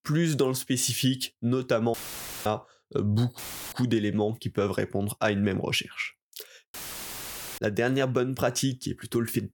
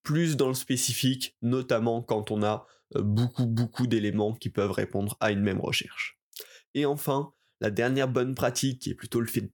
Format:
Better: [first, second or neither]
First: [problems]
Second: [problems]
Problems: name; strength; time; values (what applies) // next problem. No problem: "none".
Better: second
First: audio cutting out; filled with static; at 2 s for 0.5 s, at 3.5 s and at 6.5 s for 1 s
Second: none